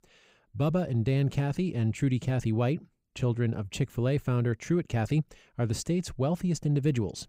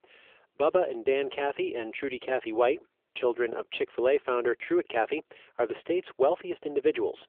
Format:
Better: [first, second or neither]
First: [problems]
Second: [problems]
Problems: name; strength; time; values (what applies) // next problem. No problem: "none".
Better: first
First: none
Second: phone-call audio